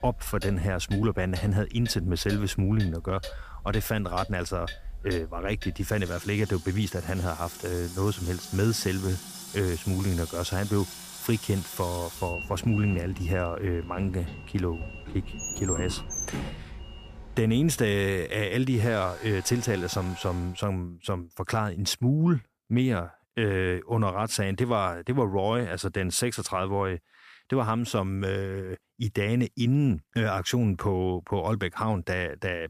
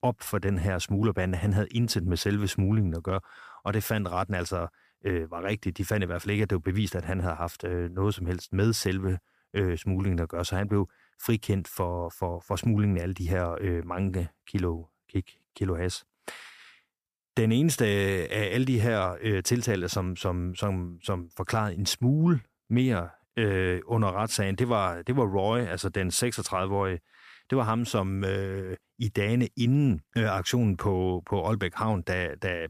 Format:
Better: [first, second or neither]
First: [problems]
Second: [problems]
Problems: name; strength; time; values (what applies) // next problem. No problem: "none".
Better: second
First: household noises; noticeable; until 20 s; 10 dB below the speech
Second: none